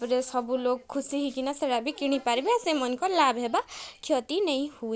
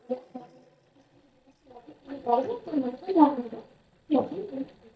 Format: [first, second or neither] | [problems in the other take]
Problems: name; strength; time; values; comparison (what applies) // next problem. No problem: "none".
first | noise reduction (neural mask model DeepFilterNet 3)